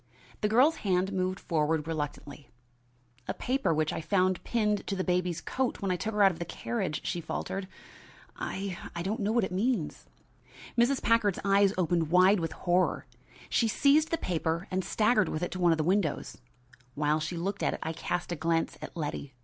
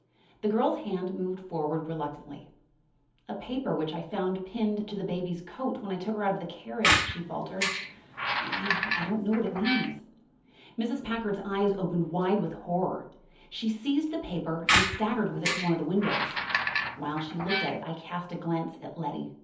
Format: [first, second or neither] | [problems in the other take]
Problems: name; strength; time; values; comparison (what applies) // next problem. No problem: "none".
first | background sound (Squeak); 1 dB above the speech // room echo; dies away in 0.7 s